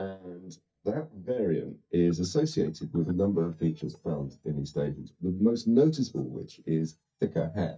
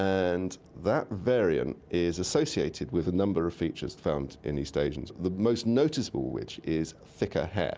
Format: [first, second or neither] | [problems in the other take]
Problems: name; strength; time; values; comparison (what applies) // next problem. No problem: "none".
second | noise reduction (neural mask model DeepFilterNet 3)